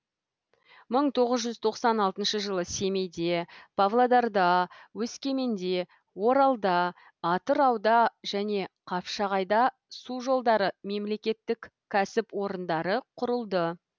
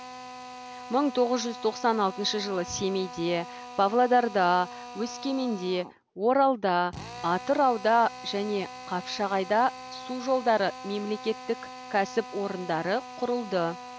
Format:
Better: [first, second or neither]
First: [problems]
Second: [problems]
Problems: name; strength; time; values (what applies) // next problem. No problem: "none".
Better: first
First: none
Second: background sound (Drill); 14 dB below the speech